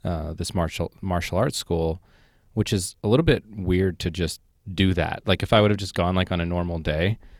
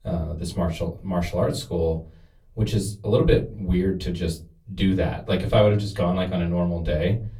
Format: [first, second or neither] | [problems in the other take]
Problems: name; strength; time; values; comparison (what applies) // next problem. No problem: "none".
first | off-mic speech; far // room echo; very slight; dies away in 0.3 s